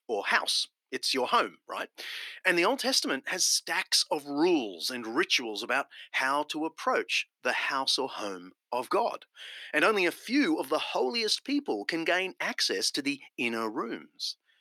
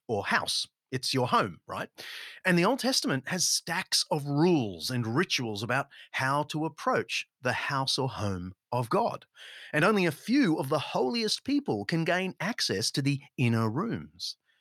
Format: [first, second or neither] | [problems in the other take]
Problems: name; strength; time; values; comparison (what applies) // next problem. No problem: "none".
second | thin; very slightly; fading below 300 Hz